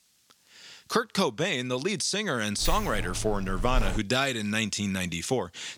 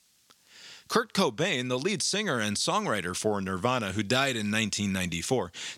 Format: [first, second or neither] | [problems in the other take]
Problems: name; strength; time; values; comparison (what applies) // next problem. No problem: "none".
second | jangling keys; noticeable; from 2.5 to 4 s; peak 5 dB below the speech